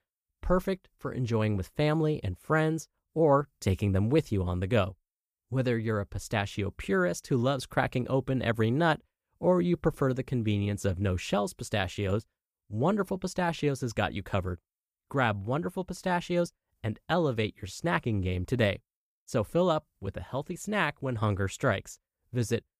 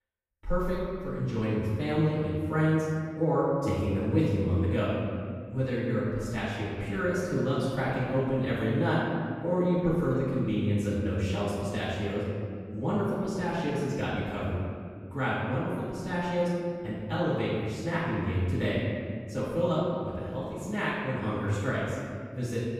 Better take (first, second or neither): first